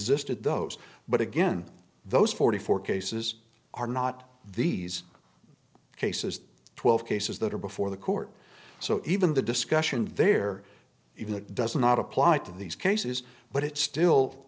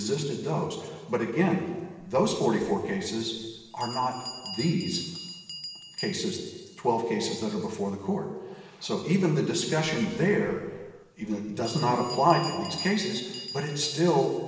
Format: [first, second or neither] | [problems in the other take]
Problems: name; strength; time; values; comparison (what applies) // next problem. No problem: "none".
first | background sound (Bell); 16 dB below the speech // room echo; dies away in 1.3 s